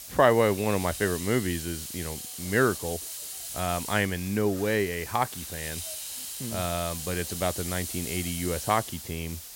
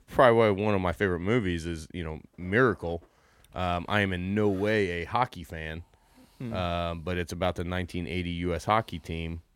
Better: second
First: hiss; loud; throughout; 7 dB below the speech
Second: none

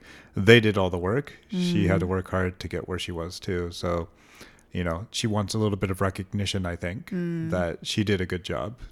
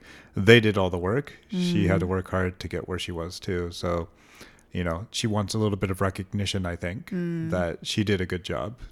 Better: neither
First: none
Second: none

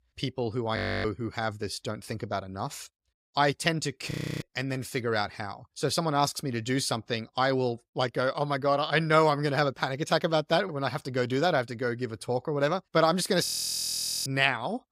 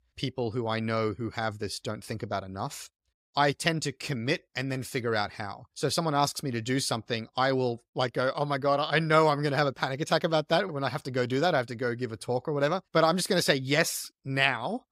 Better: second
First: audio freezing; at 1 s, at 4 s and at 13 s for 1 s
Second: none

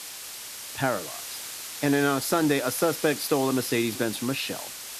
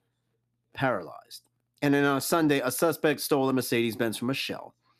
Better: second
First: hiss; loud; throughout; 9 dB below the speech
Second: none

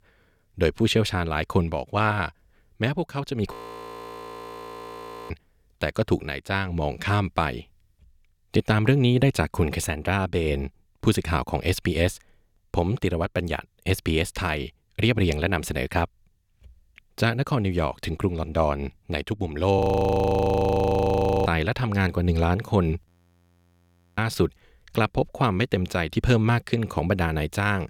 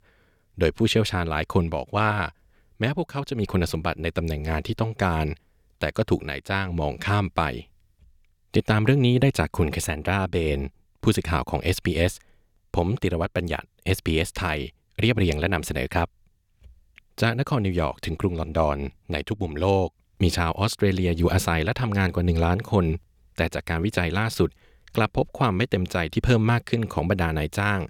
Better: second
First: audio freezing; at 3.5 s for 2 s, at 20 s for 1.5 s and at 23 s for 1 s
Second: none

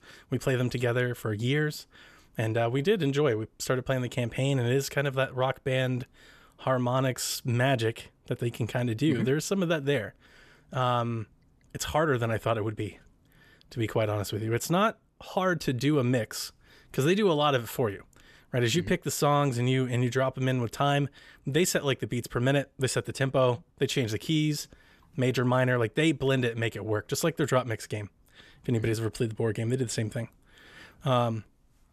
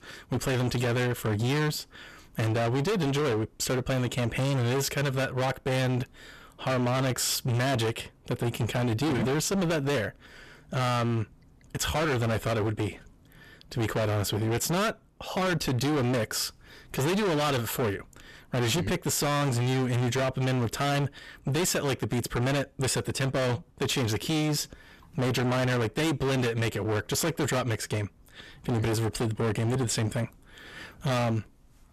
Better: first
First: none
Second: distortion; heavy; 29% of the sound clipped

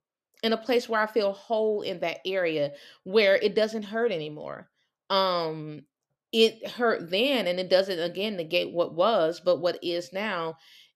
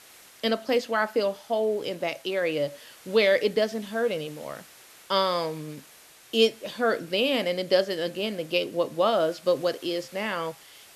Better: first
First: none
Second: hiss; faint; throughout; 25 dB below the speech

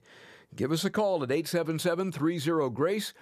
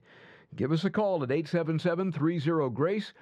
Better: first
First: none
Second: muffled; slightly; fading above 3 kHz

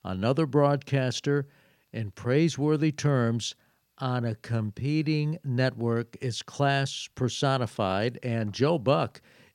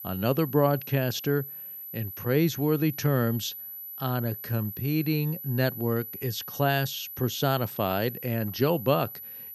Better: first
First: none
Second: high-pitched whine; loud; throughout; 12 kHz, 9 dB below the speech

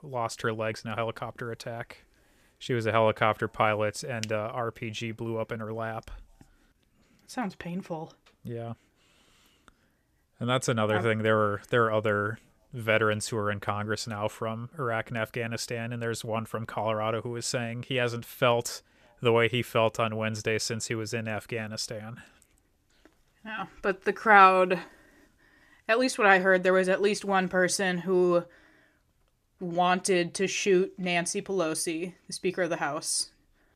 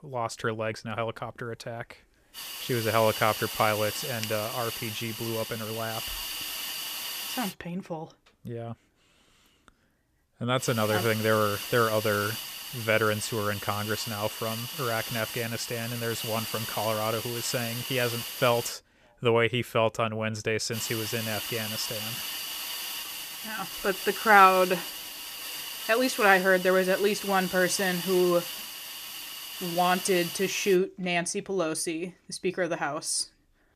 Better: first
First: none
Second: hiss; loud; from 2.5 to 7.5 s, from 11 to 19 s and from 21 to 31 s; 7 dB below the speech

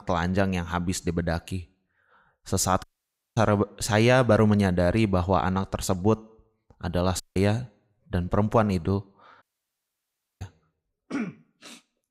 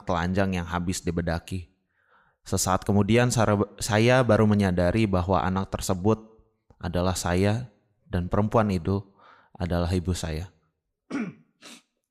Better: second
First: audio cutting out; at 3 s for 0.5 s, at 7 s and at 9.5 s for 1 s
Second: none

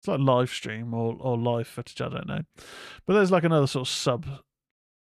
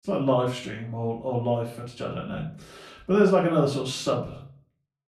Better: first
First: none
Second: off-mic speech; far // room echo; slight; dies away in 0.4 s

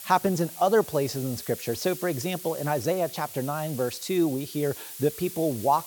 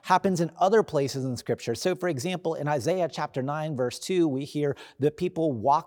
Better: second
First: hiss; noticeable; throughout; 10 dB below the speech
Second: none

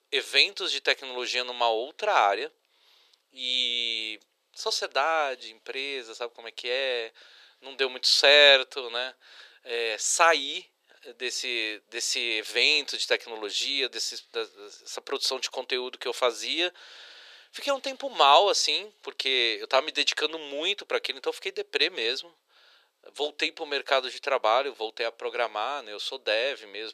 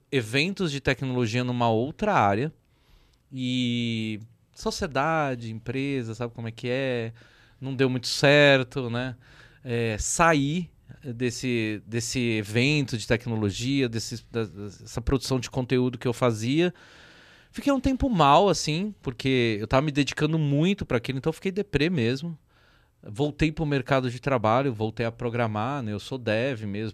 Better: second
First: thin; very; fading below 450 Hz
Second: none

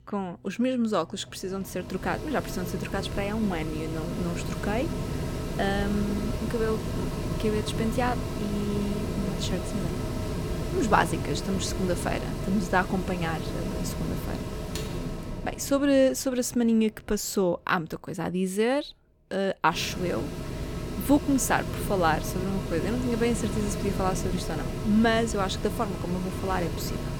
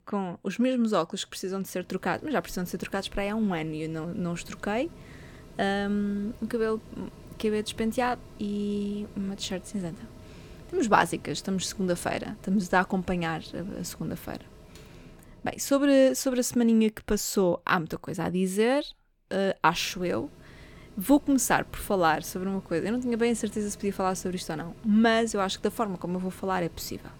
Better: second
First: machinery noise; loud; throughout; 5 dB below the speech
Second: machinery noise; faint; throughout; 20 dB below the speech

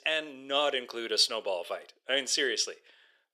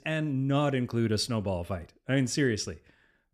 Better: second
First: thin; very; fading below 450 Hz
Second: none

